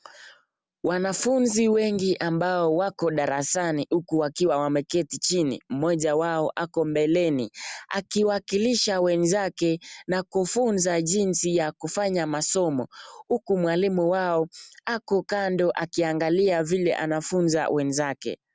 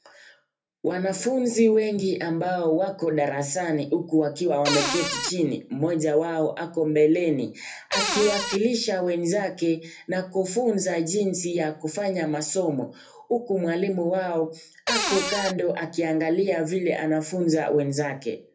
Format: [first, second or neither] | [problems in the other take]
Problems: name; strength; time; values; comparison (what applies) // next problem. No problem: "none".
first | background sound (Cupboard open or close); 2 dB below the speech // room echo; dies away in 0.3 s